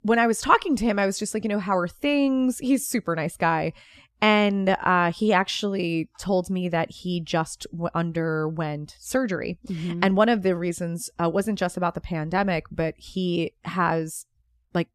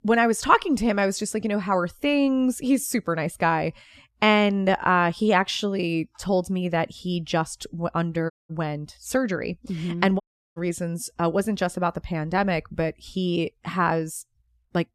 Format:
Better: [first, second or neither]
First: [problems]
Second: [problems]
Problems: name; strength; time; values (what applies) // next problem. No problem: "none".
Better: first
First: none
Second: audio cutting out; at 8.5 s and at 10 s